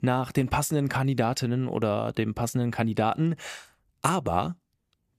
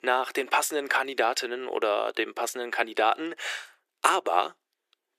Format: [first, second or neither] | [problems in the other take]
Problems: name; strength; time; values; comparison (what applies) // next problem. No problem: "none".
first | thin; very; fading below 350 Hz